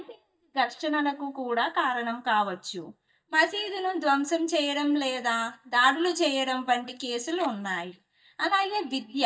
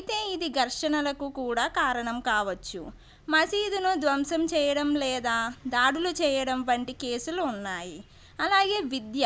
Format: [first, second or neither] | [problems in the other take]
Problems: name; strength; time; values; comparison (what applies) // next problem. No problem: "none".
second | noise reduction (neural mask model DeepFilterNet 3)